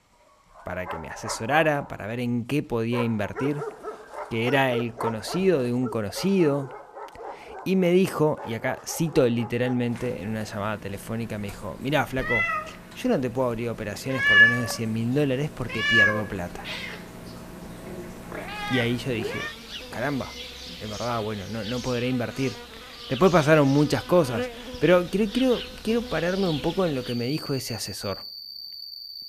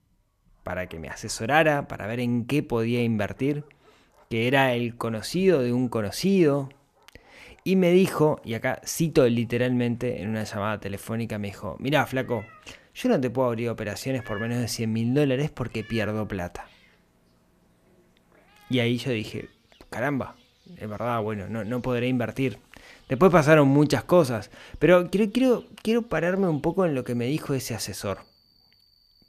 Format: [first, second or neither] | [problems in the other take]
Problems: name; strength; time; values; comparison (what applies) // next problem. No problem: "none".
second | animal sounds; loud; throughout; 3 dB below the speech; faint in the second